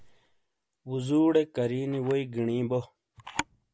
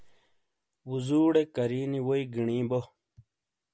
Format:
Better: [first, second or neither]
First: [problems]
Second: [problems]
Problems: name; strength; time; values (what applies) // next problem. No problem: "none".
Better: second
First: background sound (Camera); 16 dB below the speech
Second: none